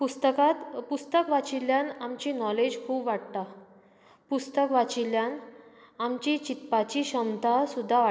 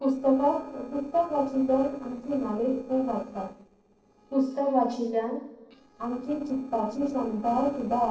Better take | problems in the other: first | noise reduction (neural separator model SepFormer DNS4)

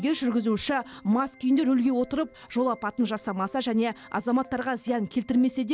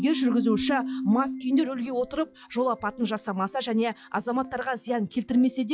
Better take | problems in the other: first | noise reduction (classical method log-MMSE)

